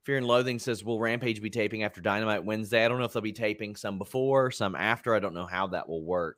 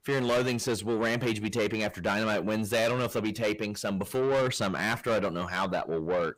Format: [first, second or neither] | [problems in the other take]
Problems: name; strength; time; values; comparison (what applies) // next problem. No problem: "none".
first | distortion; heavy; 6 dB below the speech